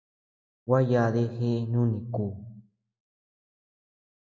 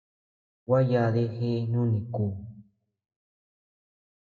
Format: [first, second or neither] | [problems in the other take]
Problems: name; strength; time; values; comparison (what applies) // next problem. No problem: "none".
first | room echo; dies away in 0.2 s